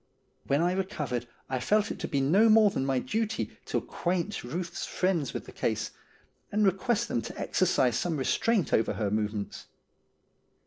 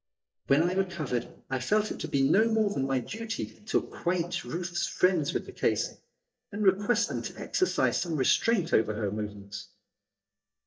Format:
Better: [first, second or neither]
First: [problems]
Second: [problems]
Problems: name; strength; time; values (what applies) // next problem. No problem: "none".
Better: first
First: none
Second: noise reduction (neural mask model DeepFilterNet 3)